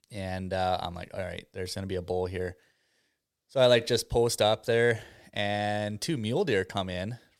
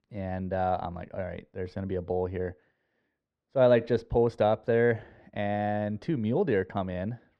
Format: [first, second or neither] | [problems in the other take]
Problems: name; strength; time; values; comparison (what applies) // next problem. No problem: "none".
first | muffled; very; fading above 1.5 kHz